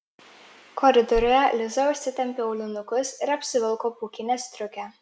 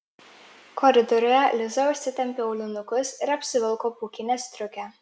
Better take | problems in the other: second | background sound (Bird); 18 dB below the speech

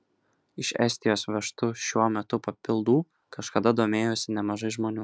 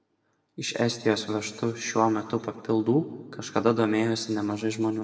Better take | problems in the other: first | room echo; dies away in 1.3 s

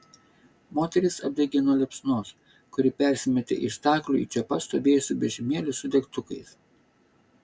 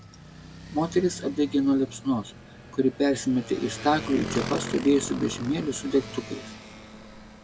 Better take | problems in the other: first | background sound (Motorcycle); 12 dB below the speech

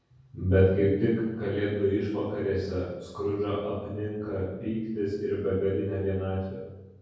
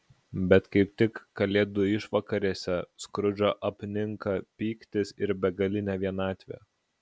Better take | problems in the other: second | room echo; dies away in 1.3 s

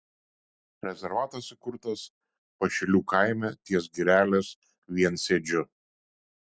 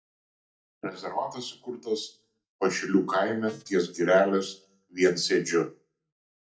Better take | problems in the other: first | noise reduction (neural mask model DeepFilterNet 3)

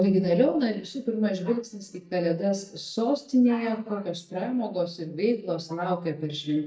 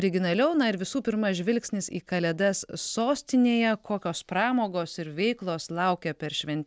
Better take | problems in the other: second | noise reduction (neural mask model DeepFilterNet 3)

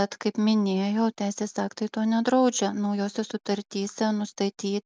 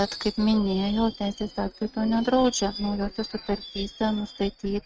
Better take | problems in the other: first | noise reduction (neural mask model RNNoise)

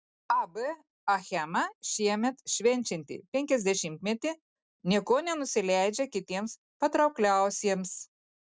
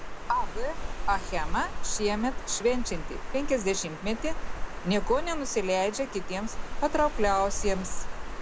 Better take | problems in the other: first | background sound (Water); 1 dB below the speech

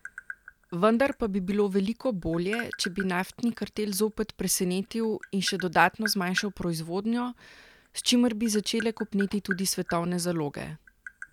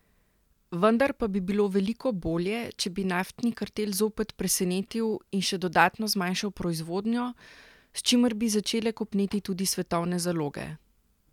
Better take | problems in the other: second | background sound (Tap); 15 dB below the speech

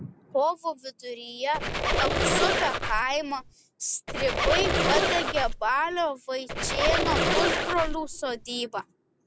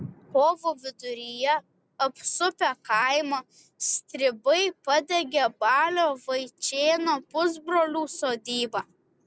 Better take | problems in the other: second | background sound (Squeak); 2 dB above the speech

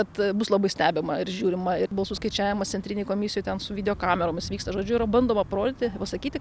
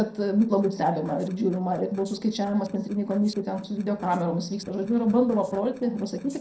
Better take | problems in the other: first | noise reduction (neural separator model SepFormer DNS4)

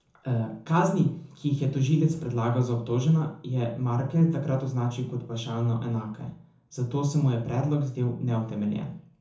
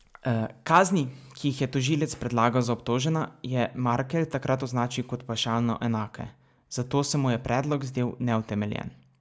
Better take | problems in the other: second | room echo; dies away in 0.6 s

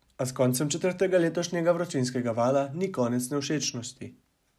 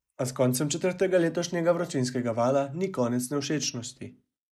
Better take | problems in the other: first | noise reduction (neural mask model Resemble Enhance denoiser)

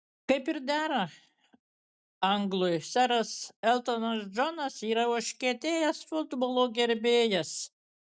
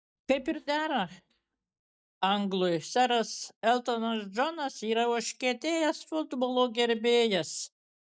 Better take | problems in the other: first | noise reduction (neural mask model DeepFilterNet 3)

